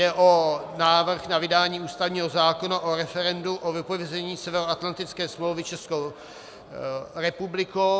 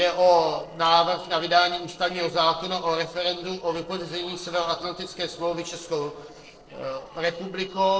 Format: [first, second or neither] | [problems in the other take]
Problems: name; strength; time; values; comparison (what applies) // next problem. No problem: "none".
first | noise reduction (neural separator model SepFormer DNS4)